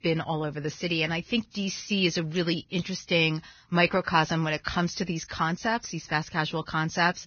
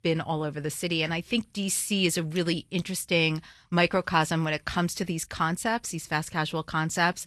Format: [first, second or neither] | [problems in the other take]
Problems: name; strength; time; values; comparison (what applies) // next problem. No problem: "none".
second | garbled, watery; badly; nothing above 6.5 kHz; slightly in the second